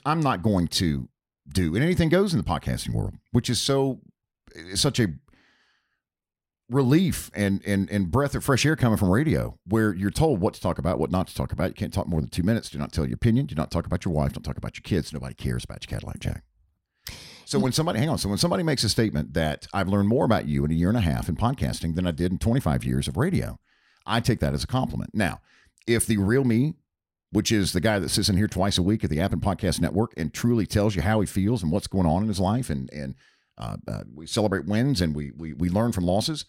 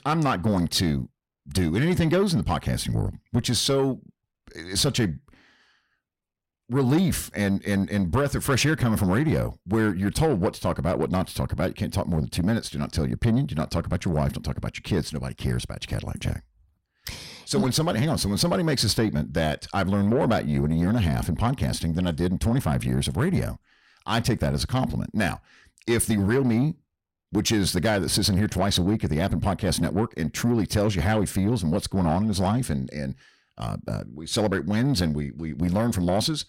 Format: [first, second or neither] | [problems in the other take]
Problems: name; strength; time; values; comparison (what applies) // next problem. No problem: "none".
first | distortion; slight; 10 dB below the speech